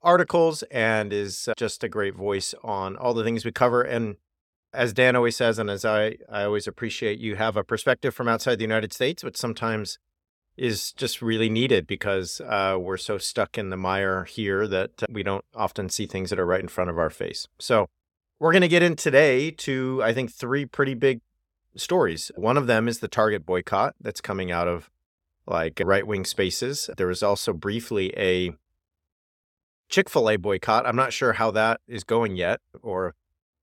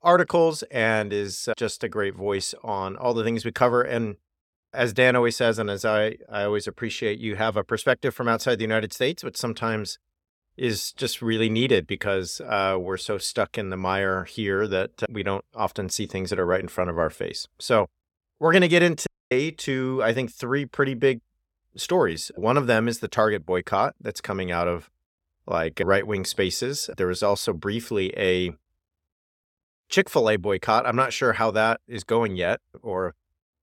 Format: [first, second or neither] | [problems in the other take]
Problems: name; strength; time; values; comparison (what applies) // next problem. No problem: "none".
first | audio cutting out; at 19 s